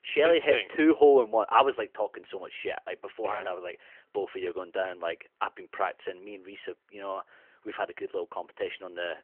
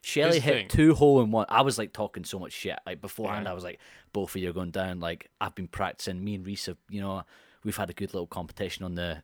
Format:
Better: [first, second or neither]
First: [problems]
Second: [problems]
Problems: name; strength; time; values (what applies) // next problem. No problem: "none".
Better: second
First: phone-call audio; nothing above 3 kHz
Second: none